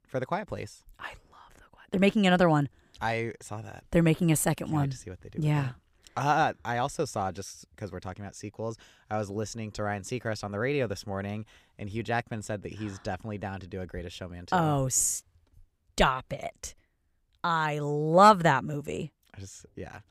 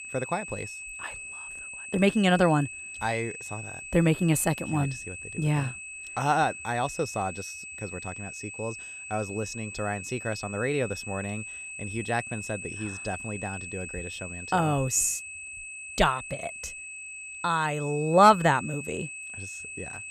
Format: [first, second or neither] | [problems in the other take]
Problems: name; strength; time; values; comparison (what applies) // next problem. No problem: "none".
first | high-pitched whine; loud; throughout; 2.5 kHz, 10 dB below the speech